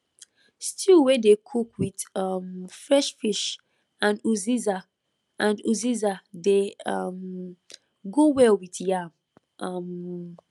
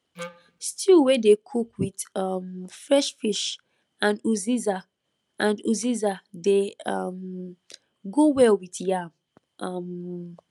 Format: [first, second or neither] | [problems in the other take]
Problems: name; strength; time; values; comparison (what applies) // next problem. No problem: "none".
first | background sound (Wind instrument, woodwind instrument); 16 dB below the speech